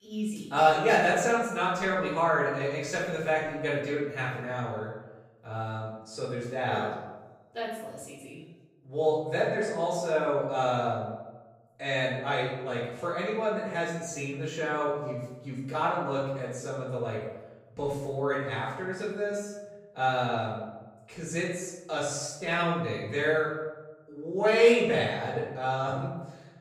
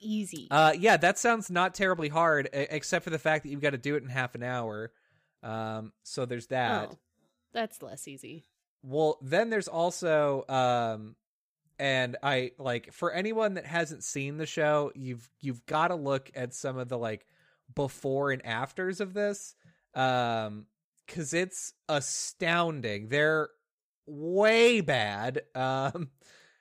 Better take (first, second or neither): second